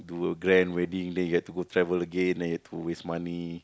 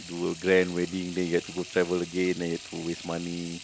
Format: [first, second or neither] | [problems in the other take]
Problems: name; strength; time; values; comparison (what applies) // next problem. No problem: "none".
first | background sound (Sink (filling or washing) / Water tap, faucet); 15 dB below the speech